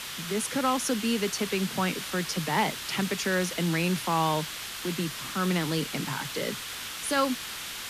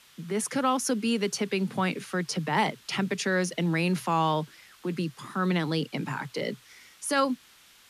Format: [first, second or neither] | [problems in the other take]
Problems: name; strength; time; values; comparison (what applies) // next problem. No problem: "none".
second | hiss; loud; throughout; 5 dB below the speech; faint in the second